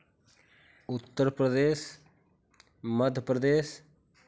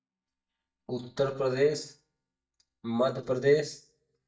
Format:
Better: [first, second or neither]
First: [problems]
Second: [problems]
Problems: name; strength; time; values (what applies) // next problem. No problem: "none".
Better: first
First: none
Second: noise reduction (neural mask model DeepFilterNet 3)